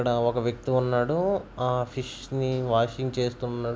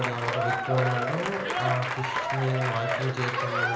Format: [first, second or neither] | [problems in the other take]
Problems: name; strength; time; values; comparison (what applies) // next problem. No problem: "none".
first | background sound (Applause / Crowd); as loud as the speech // room echo; dies away in 0.8 s